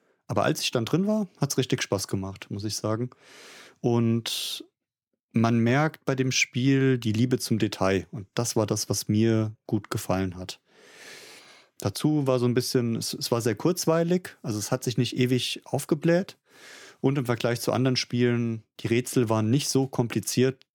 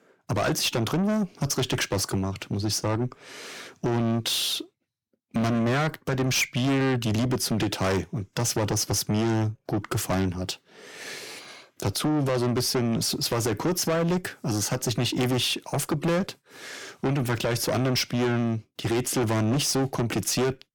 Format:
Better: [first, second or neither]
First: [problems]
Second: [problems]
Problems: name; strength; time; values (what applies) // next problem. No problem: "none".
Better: first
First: none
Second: distortion; heavy; 5 dB below the speech